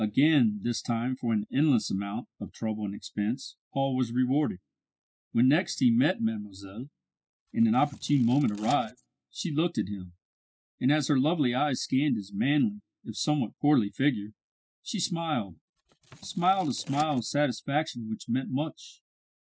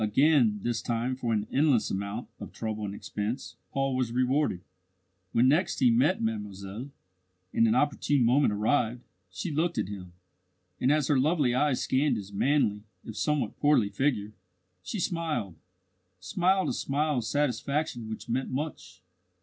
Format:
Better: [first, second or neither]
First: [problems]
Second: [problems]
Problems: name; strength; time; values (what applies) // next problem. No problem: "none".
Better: second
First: noise reduction (classical method spectral subtraction)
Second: none